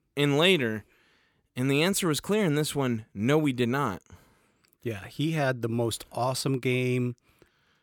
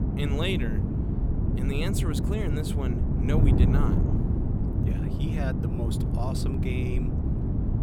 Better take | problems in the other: first | wind noise on the microphone; heavy; 1 dB below the speech

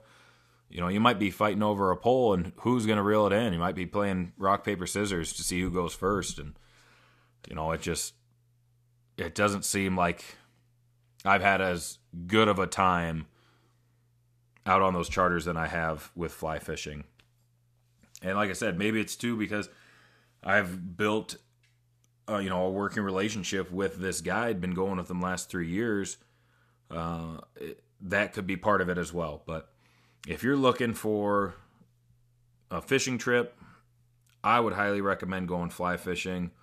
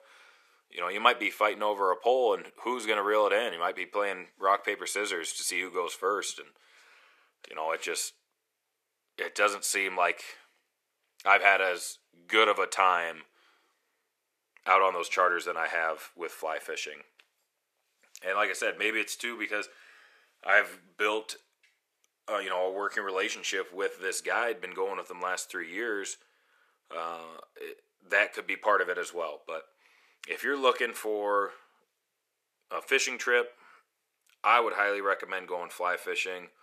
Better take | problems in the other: first | thin; very; fading below 400 Hz

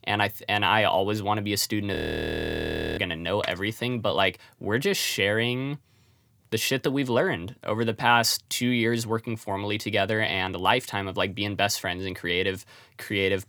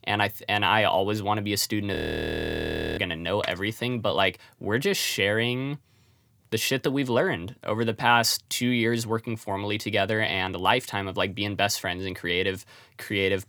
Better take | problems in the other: neither | audio freezing; at 2 s for 1 s; the same in both

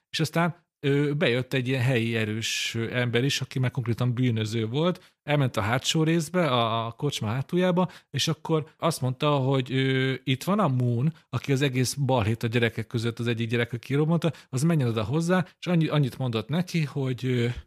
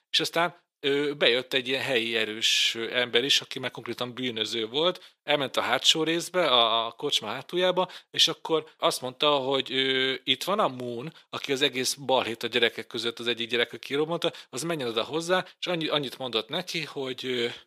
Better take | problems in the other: first | thin; somewhat; fading below 450 Hz

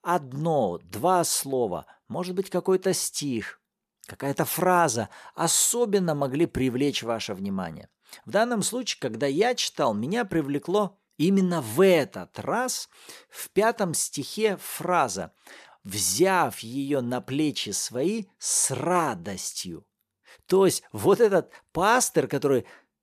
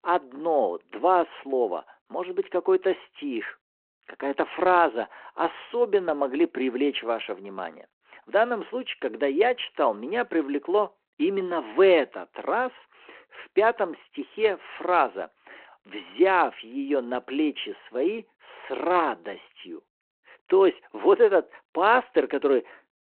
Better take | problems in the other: first | phone-call audio

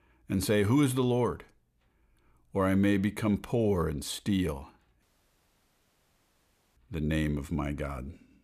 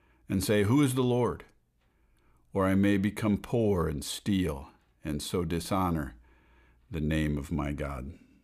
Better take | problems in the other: second | audio cutting out; at 5 s for 2 s

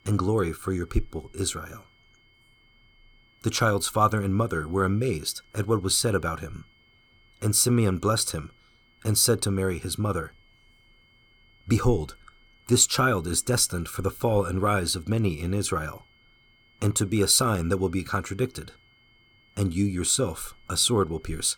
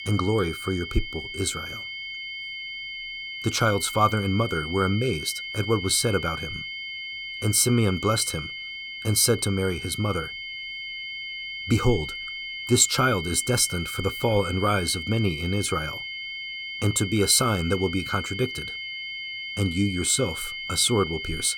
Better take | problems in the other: first | high-pitched whine; loud; throughout; 2 kHz, 8 dB below the speech; faint in the first

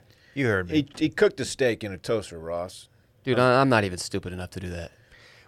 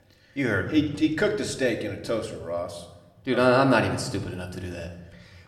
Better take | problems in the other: first | room echo; slight; dies away in 0.8 s

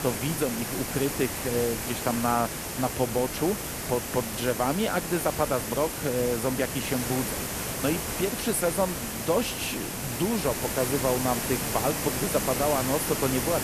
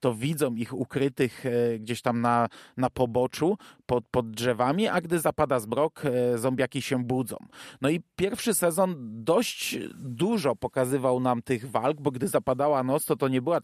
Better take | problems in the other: second | hiss; loud; throughout; 2 dB below the speech

